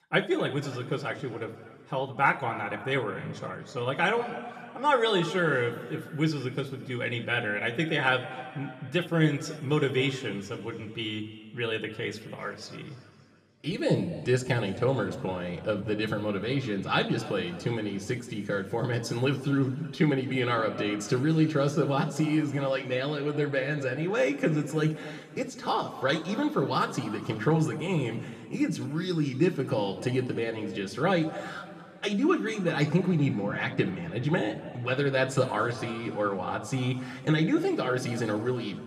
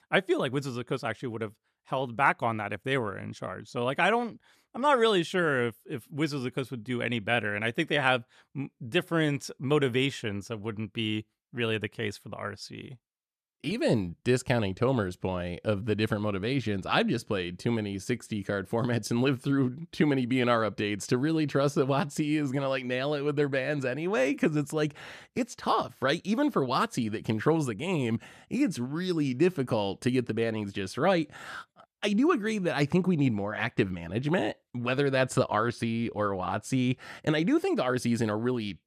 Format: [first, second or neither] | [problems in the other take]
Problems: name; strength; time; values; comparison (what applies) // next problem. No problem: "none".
second | room echo; slight; dies away in 2.4 s